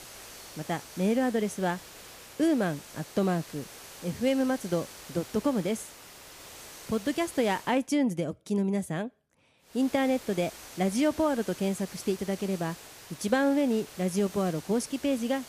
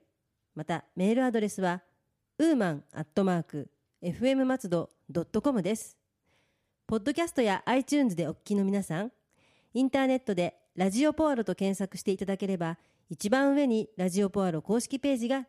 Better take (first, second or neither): second